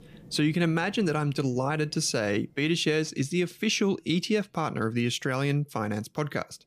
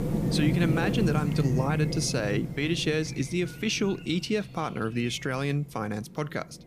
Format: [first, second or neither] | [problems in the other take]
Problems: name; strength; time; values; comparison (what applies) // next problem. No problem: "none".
first | animal sounds; loud; throughout; 1 dB below the speech; faint in the first